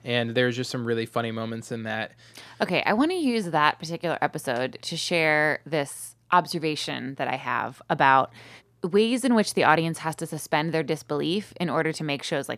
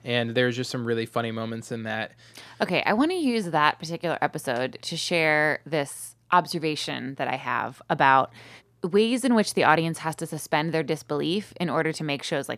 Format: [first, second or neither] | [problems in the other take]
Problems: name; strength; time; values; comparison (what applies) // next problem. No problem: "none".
neither | none